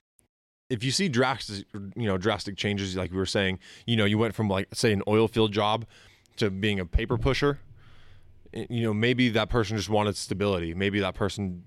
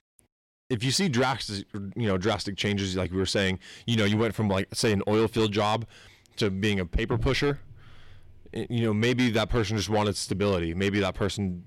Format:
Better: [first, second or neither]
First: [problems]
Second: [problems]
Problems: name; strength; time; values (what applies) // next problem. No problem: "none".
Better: first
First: none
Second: distortion; slight; 10 dB below the speech